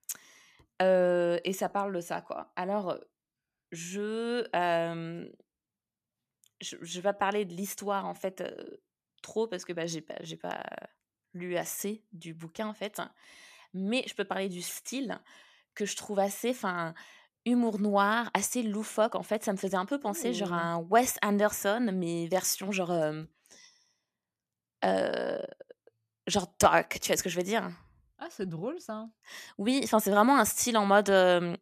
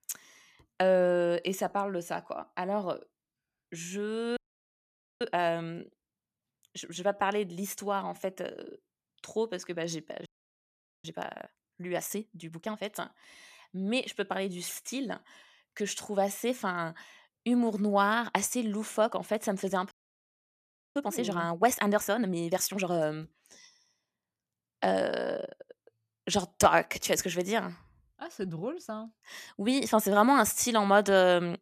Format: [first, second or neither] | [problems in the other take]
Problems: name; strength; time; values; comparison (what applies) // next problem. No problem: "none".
first | audio freezing; at 4.5 s for 1 s, at 10 s for 1 s and at 20 s for 1 s